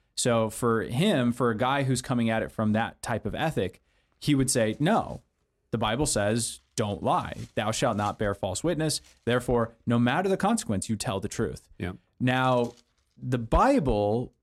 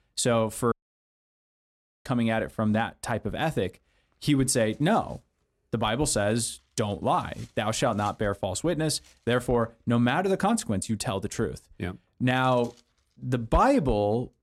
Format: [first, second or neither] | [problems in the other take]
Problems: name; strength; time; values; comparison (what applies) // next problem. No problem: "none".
first | audio cutting out; at 0.5 s for 1.5 s